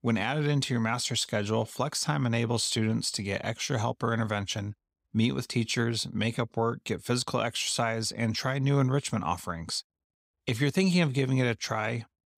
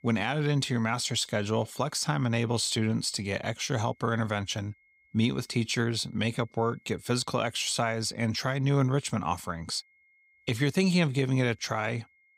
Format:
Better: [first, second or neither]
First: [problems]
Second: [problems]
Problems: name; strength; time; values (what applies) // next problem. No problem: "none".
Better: first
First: none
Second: high-pitched whine; faint; throughout; 2 kHz, 35 dB below the speech